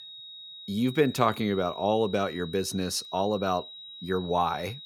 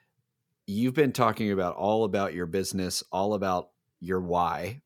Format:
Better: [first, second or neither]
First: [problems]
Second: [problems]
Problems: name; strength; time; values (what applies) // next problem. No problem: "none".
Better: second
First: high-pitched whine; noticeable; throughout; 4 kHz, 15 dB below the speech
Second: none